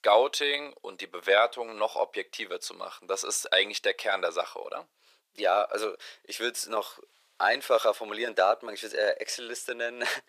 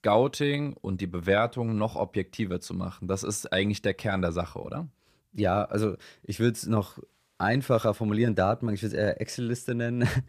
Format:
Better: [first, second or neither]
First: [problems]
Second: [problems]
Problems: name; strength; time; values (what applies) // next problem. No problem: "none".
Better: second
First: thin; very; fading below 500 Hz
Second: none